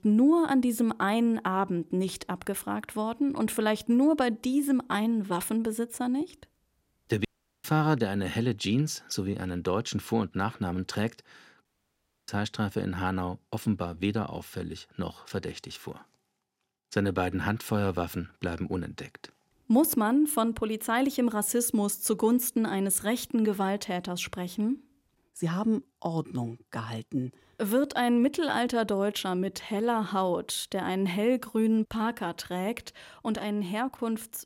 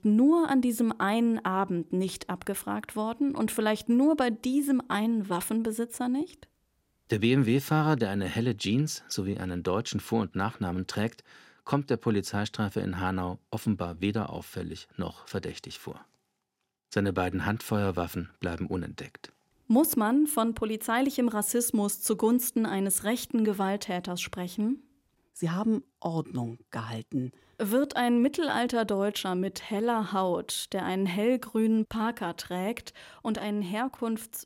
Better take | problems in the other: second | audio cutting out; at 7.5 s and at 12 s for 0.5 s

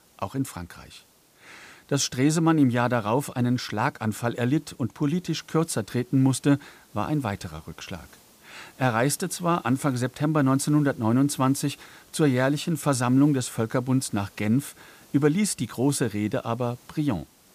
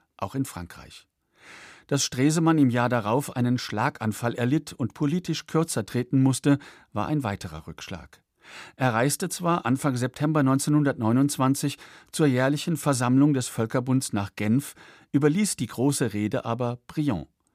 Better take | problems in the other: second | hiss; faint; throughout; 30 dB below the speech

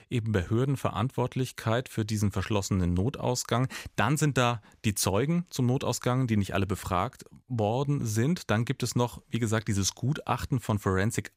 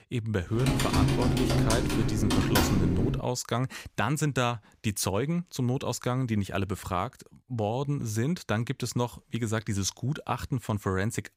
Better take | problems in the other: first | keyboard typing; loud; from 0.5 to 3 s; peak 5 dB above the speech

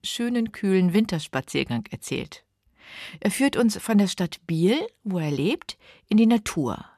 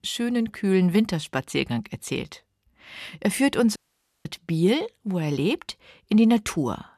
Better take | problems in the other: first | audio cutting out; at 4 s

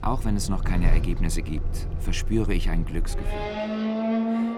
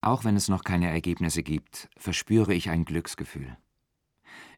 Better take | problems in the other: second | traffic noise; very loud; throughout; 1 dB above the speech

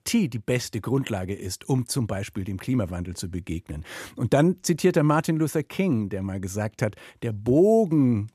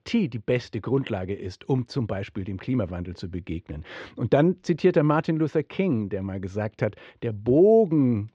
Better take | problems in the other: first | muffled; slightly; fading above 4.5 kHz

